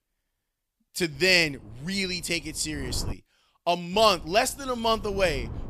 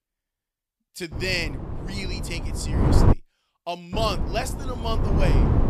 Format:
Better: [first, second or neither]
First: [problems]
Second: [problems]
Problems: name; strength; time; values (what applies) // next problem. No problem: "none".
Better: first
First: wind noise on the microphone; occasional gusts; from 1 to 3 s and from 4 s on; 25 dB below the speech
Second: wind noise on the microphone; heavy; from 1 to 3 s and from 4 s on; 3 dB below the speech